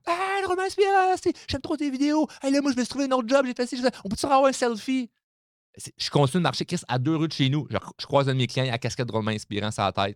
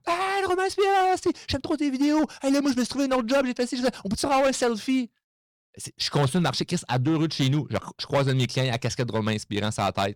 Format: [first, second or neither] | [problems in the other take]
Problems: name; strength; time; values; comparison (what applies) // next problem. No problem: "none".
first | distortion; slight; 8% of the sound clipped